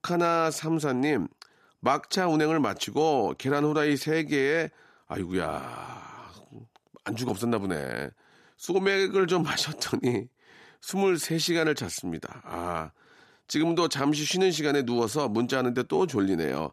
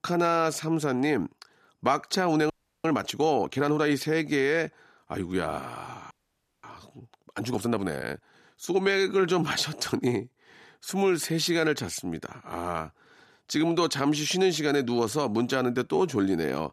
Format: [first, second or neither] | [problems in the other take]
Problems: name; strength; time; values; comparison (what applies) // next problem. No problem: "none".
first | audio freezing; at 2.5 s and at 6 s for 0.5 s